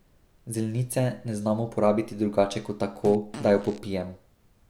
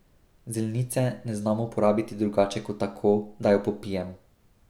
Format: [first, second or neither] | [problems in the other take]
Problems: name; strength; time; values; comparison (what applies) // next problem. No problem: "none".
second | background sound (Fart); 16 dB below the speech